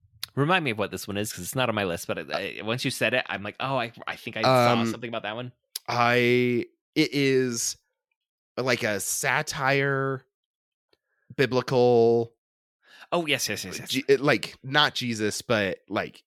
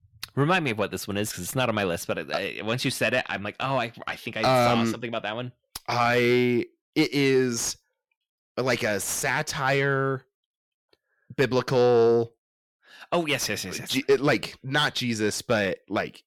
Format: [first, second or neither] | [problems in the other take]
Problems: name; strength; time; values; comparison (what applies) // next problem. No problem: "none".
first | distortion; slight; 10 dB below the speech